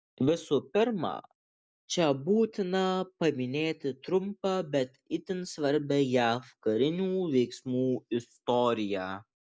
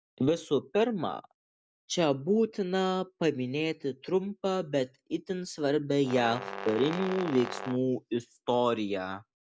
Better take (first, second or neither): first